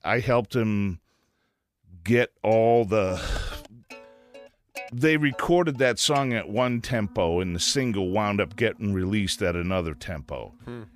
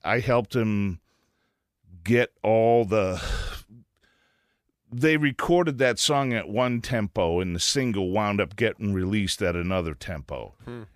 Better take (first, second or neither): second